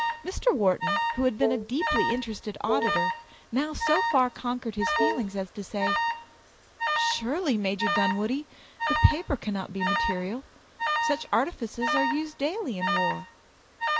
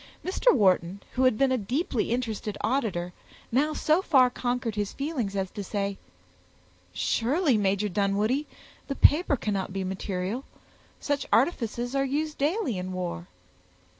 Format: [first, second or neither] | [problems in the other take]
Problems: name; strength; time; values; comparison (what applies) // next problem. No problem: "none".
second | background sound (Wind instrument, woodwind instrument + Alarm); 1 dB below the speech